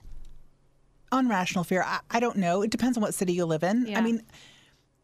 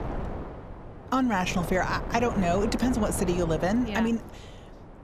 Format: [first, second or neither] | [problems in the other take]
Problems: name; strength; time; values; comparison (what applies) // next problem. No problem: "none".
first | wind noise on the microphone; occasional gusts; 10 dB below the speech